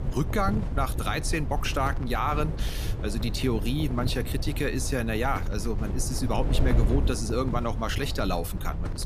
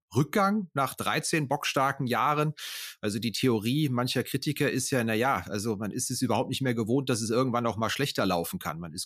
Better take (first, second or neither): second